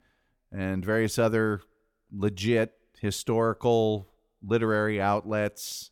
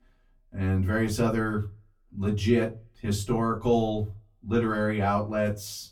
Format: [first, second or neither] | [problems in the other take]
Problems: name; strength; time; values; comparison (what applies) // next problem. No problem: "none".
first | off-mic speech; far // room echo; very slight; dies away in 0.3 s